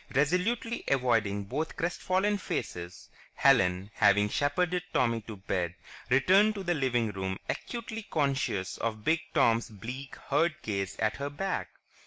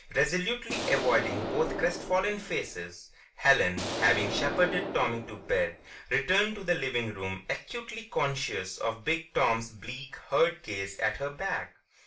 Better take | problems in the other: first | background sound (Explosion); 5 dB below the speech // room echo; dies away in 0.3 s

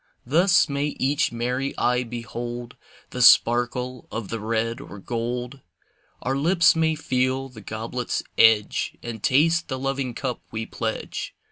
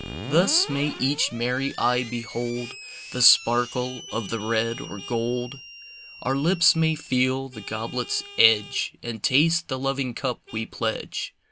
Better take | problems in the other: first | background sound (Vehicle horn, car horn, honking + Screech); 15 dB below the speech

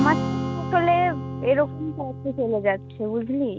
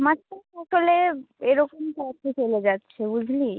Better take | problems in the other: second | background sound (Strum); 6 dB below the speech

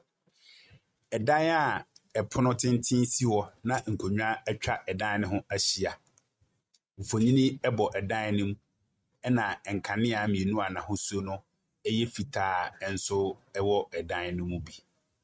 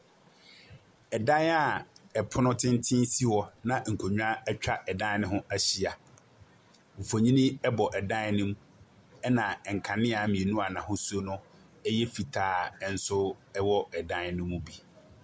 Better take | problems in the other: second | noise reduction (neural mask model RNNoise)

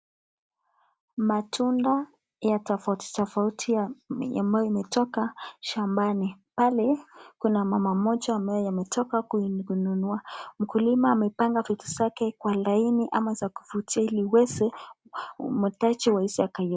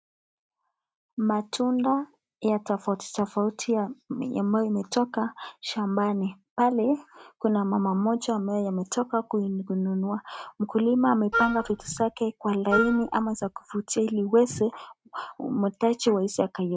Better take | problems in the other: first | noise reduction (neural mask model RNNoise)

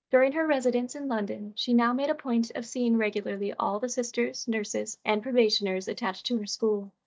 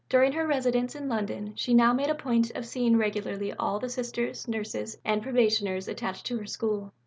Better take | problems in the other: second | noise reduction (neural mask model DeepFilterNet 3)

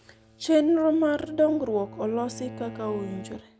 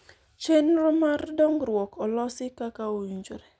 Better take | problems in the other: second | background sound (Bowed string instrument); 17 dB below the speech

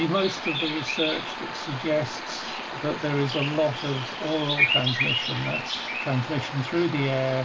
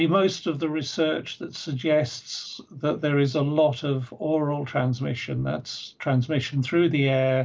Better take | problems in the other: second | background sound (Bird vocalization, bird call, bird song); 2 dB below the speech

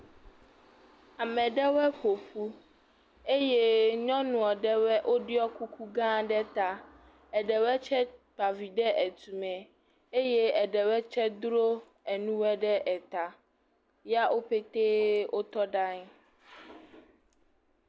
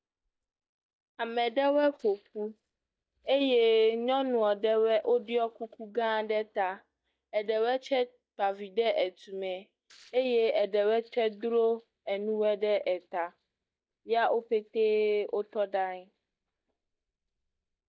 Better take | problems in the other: first | noise reduction (neural mask model DeepFilterNet 3)

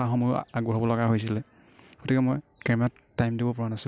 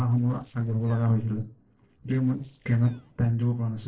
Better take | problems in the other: first | noise reduction (neural separator model SepFormer DNS4)

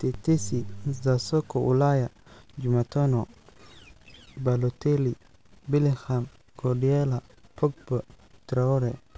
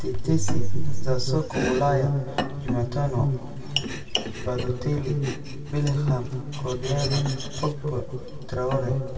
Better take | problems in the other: first | background sound (Domestic sounds, home sounds); 12 dB below the speech // room echo; dies away in 2 s

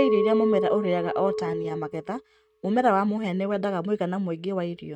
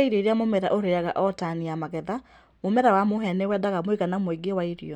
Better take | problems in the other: second | noise reduction (neural mask model RNNoise)

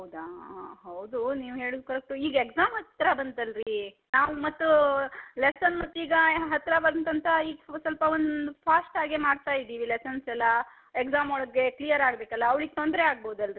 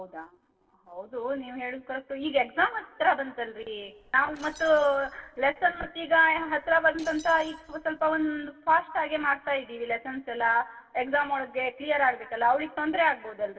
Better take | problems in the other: first | noise reduction (neural separator model SepFormer DNS4)

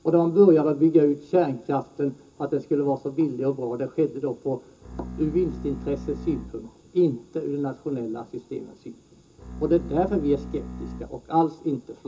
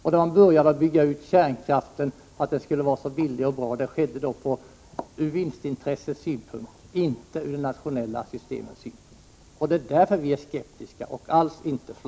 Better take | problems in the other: second | background sound (Bowed string instrument); 12 dB below the speech // room echo; dies away in 0.2 s

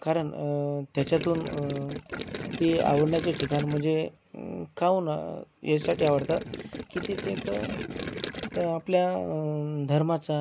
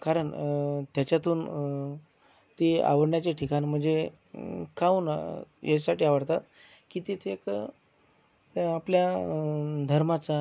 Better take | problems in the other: second | background sound (Gurgling); 8 dB below the speech

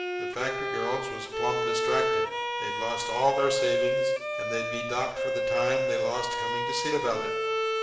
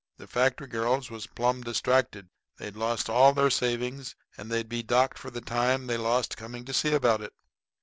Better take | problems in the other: second | background sound (Bowed string instrument); 3 dB above the speech // room echo; dies away in 1.2 s

